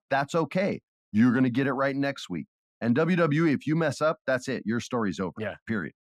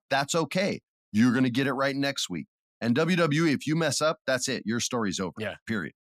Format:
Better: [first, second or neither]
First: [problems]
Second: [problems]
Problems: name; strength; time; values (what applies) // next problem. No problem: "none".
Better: second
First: muffled; slightly; fading above 3 kHz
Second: none